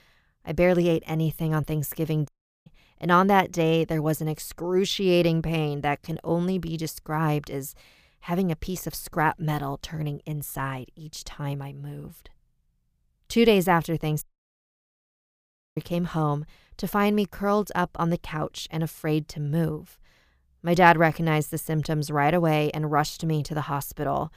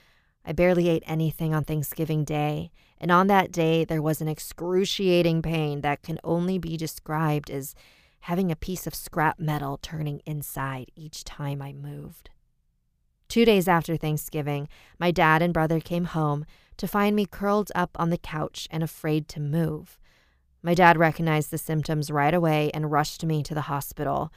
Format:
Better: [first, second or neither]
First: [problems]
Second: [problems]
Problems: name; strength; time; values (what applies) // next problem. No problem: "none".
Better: second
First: audio cutting out; at 2.5 s and at 14 s for 1.5 s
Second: none